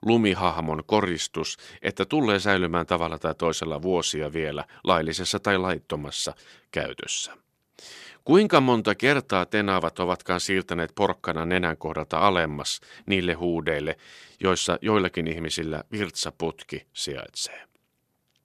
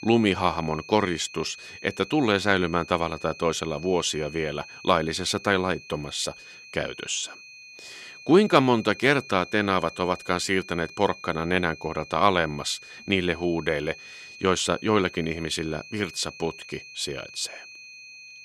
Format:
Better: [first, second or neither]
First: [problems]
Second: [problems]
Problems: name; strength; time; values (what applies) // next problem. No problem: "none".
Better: first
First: none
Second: high-pitched whine; noticeable; throughout; 2.5 kHz, 15 dB below the speech